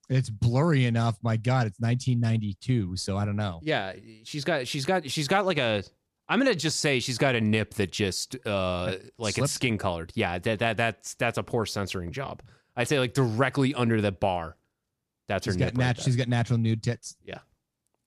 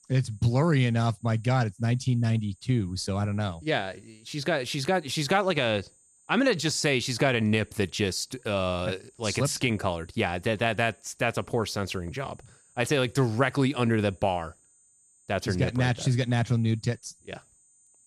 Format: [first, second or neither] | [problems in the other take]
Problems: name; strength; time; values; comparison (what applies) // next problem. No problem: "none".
first | high-pitched whine; faint; throughout; 8 kHz, 30 dB below the speech